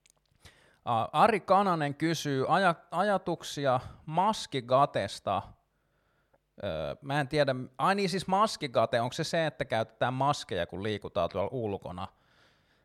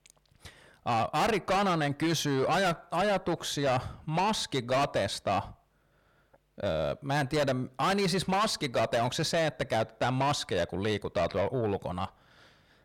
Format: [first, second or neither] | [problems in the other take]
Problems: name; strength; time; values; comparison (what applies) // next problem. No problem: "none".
first | distortion; heavy; 6 dB below the speech